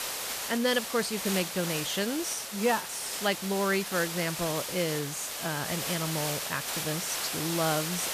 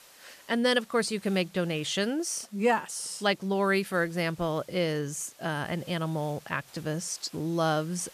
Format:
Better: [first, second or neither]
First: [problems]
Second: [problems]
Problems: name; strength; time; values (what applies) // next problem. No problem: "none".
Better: second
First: hiss; loud; throughout; 2 dB below the speech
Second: hiss; faint; throughout; 25 dB below the speech